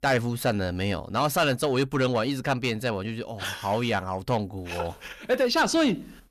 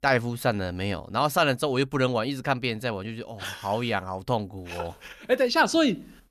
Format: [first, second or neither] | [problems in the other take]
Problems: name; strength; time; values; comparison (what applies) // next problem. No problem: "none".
second | distortion; slight; 10 dB below the speech